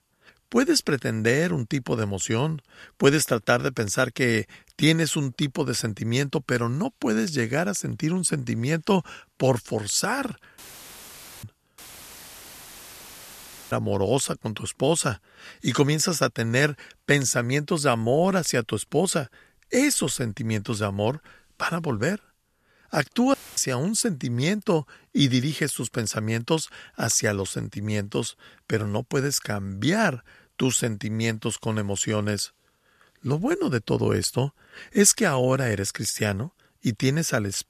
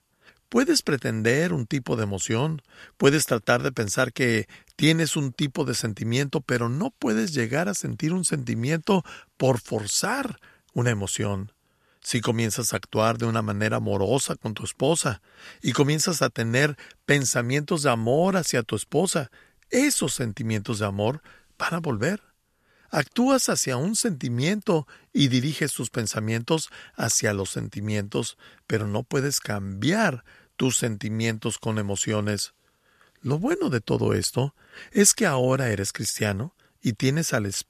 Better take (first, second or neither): second